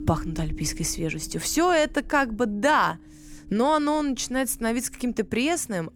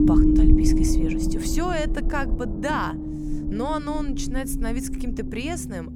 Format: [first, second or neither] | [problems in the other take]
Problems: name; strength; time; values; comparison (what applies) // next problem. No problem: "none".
first | low rumble; loud; throughout; 1 dB below the speech; faint in the first